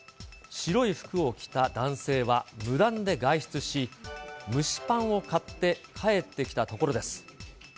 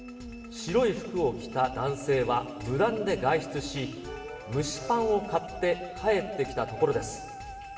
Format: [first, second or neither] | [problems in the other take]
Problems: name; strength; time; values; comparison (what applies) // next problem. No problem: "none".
first | background sound (Musical instrument); 14 dB below the speech // room echo; dies away in 1.9 s